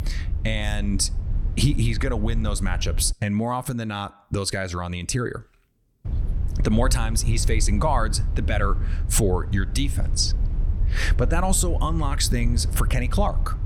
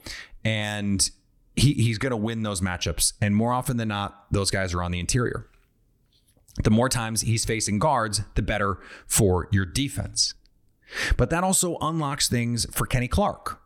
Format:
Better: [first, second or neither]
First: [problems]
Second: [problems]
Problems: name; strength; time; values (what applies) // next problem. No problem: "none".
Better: second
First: low rumble; noticeable; until 3 s and from 6 s on; 15 dB below the speech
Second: none